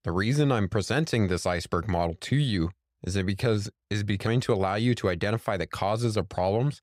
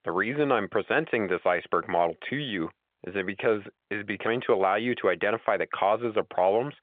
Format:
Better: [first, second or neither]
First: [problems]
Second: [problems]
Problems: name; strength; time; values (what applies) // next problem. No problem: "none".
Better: first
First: none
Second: phone-call audio; nothing above 3.5 kHz